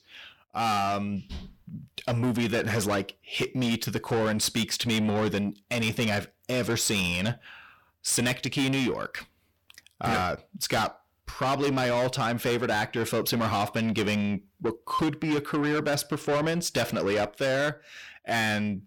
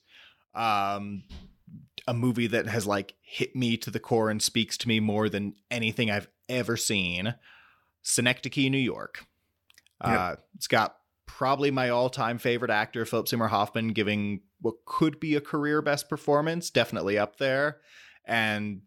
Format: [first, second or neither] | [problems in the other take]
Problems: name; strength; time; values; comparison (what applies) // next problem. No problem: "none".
second | distortion; heavy; 7 dB below the speech